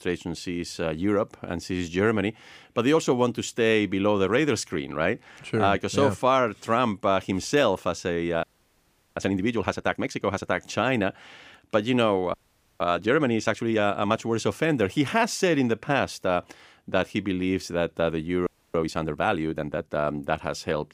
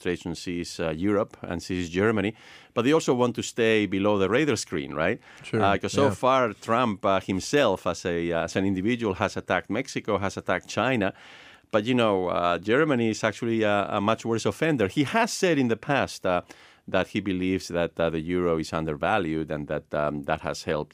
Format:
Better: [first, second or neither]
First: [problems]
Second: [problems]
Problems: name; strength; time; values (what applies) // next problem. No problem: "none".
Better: second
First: audio freezing; at 8.5 s for 0.5 s, at 12 s and at 18 s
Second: none